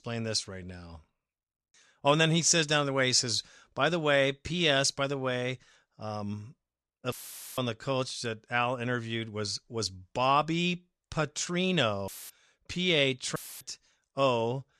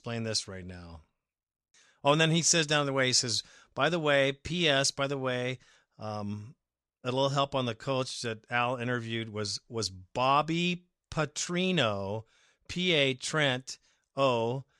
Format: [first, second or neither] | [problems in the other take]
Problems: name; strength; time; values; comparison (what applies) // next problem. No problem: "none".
second | audio cutting out; filled with static; at 7 s, at 12 s and at 13 s